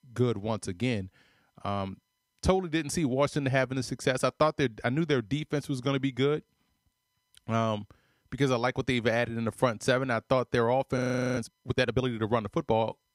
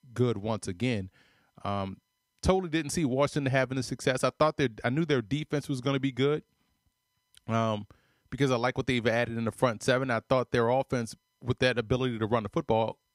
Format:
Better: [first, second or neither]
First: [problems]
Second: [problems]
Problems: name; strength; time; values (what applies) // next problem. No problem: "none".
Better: second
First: audio freezing; at 11 s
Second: none